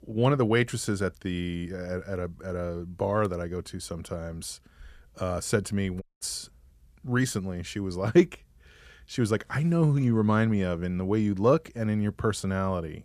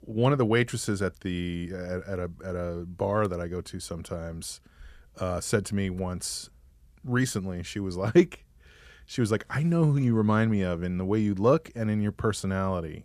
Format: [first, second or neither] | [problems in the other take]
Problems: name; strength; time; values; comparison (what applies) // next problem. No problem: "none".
second | audio cutting out; at 6 s